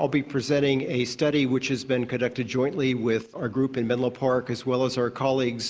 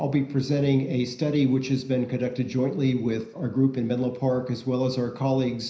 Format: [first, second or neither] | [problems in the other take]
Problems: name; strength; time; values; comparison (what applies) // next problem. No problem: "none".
first | room echo; dies away in 0.5 s